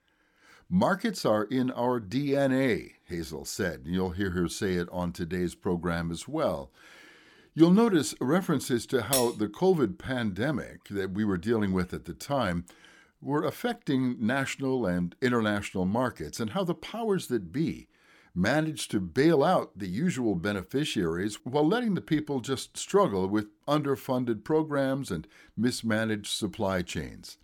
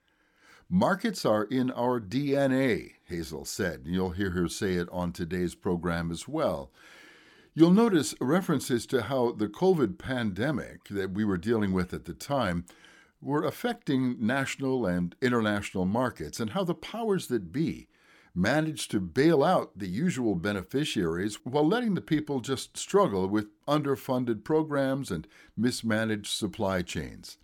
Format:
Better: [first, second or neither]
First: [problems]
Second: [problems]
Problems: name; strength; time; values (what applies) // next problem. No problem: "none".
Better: second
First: clattering dishes; noticeable; at 9 s; peak level with the speech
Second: none